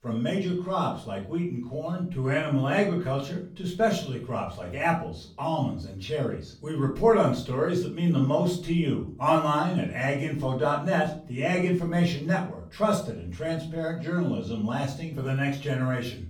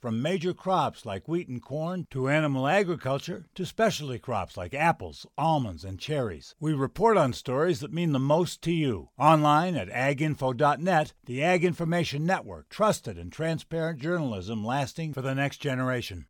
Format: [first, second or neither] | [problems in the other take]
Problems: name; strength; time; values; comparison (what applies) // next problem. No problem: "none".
second | off-mic speech; far // room echo; slight; dies away in 0.4 s